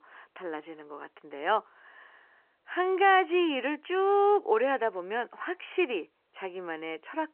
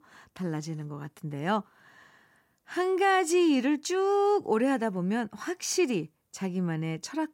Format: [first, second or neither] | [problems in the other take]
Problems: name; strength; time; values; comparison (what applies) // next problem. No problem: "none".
second | phone-call audio; nothing above 3 kHz